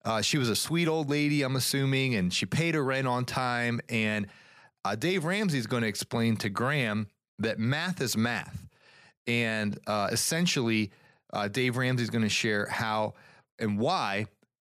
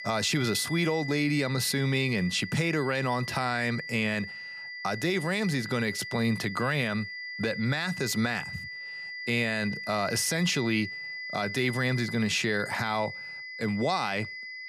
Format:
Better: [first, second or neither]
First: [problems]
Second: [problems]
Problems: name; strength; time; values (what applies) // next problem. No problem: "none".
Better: first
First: none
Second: high-pitched whine; loud; throughout; 2 kHz, 8 dB below the speech